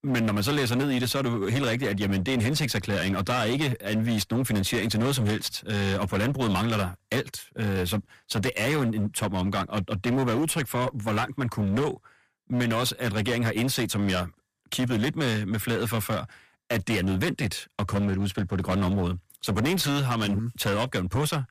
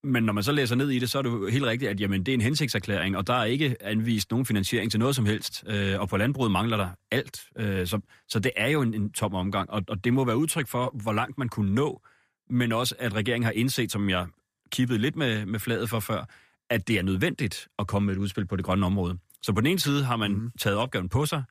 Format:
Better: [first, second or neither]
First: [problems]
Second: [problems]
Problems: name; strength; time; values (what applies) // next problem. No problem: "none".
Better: second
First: distortion; slight; 20% of the sound clipped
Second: none